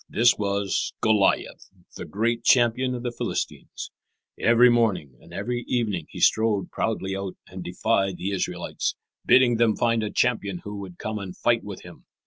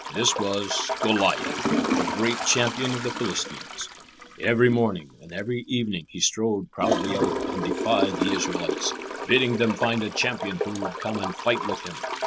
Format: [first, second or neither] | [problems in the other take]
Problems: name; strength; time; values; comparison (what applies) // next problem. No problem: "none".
first | background sound (Toilet flush / Gurgling); 3 dB below the speech